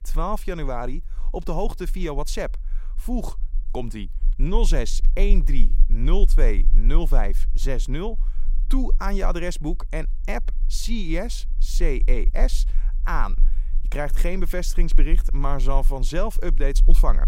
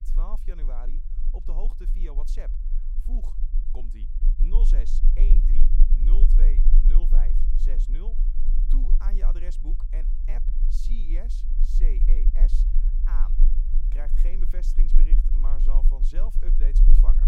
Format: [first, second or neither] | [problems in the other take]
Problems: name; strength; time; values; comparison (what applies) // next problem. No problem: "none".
first | low rumble; loud; throughout; 4 dB below the speech; faint in the first